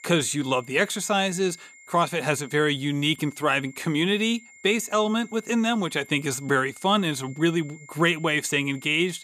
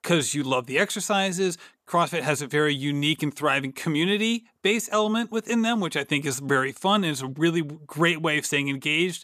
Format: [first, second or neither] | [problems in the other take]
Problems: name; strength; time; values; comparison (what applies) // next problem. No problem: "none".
second | high-pitched whine; faint; throughout; 2 kHz, 25 dB below the speech